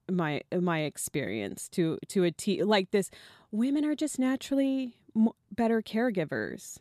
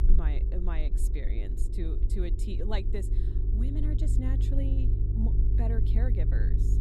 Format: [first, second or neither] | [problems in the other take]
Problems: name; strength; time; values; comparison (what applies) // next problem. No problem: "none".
first | low rumble; loud; throughout; 4 dB below the speech